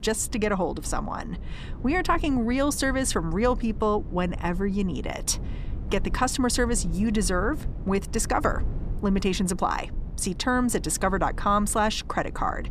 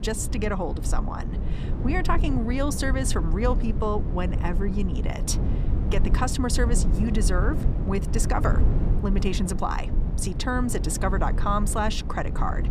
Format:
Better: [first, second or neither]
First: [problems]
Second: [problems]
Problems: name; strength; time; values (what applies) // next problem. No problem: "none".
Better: first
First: low rumble; faint; throughout; 20 dB below the speech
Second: low rumble; loud; throughout; 10 dB below the speech